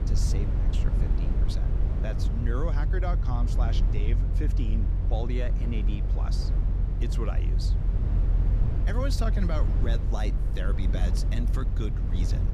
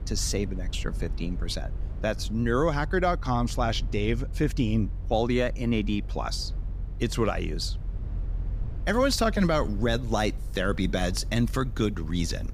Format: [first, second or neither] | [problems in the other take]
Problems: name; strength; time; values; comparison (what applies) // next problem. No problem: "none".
second | low rumble; loud; throughout; 4 dB below the speech; faint in the second